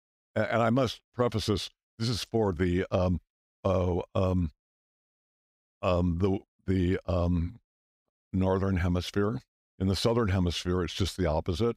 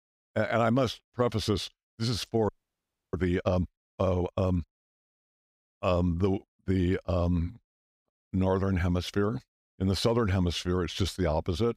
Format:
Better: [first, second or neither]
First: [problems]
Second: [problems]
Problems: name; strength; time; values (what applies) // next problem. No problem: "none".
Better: first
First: none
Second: audio freezing; at 2.5 s for 0.5 s